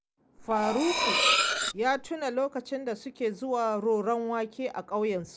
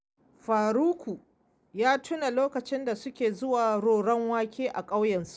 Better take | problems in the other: second | background sound (Cutlery, silverware); 2 dB above the speech

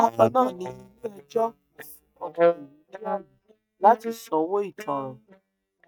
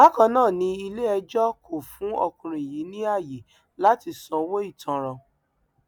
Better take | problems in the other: second | noise reduction (neural mask model DeepFilterNet 3)

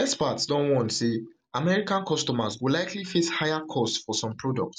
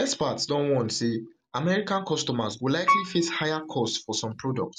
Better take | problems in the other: first | background sound (Piano); 3 dB below the speech

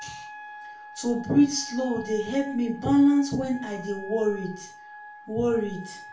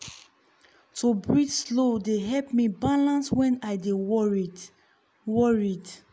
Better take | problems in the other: second | background sound (Wind instrument, woodwind instrument); 16 dB below the speech // room echo; dies away in 0.3 s

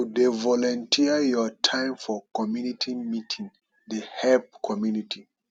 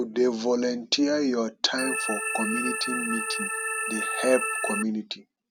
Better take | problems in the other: first | background sound (Organ); 2 dB below the speech

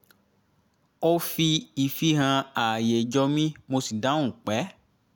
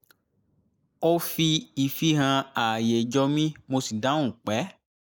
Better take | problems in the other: first | noise reduction (neural mask model Resemble Enhance denoiser)

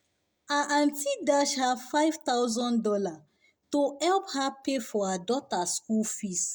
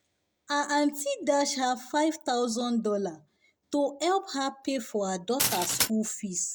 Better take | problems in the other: first | background sound (Glass); 1 dB below the speech

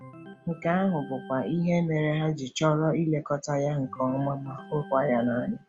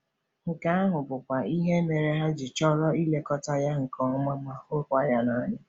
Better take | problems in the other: second | background sound (Organ); 19 dB below the speech

